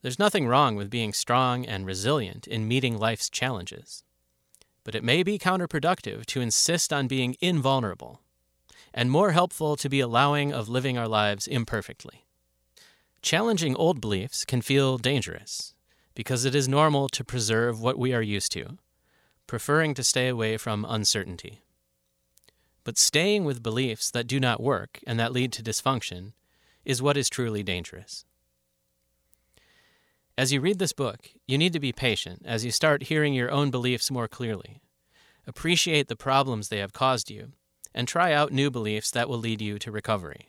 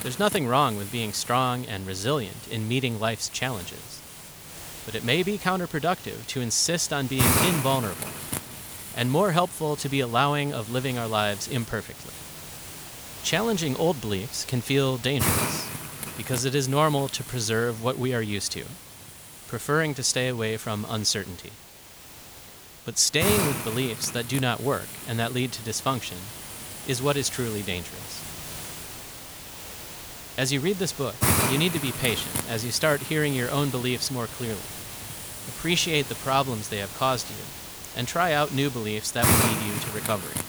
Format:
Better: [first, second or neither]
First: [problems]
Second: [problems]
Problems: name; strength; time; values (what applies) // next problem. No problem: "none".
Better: first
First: none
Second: hiss; loud; throughout; 5 dB below the speech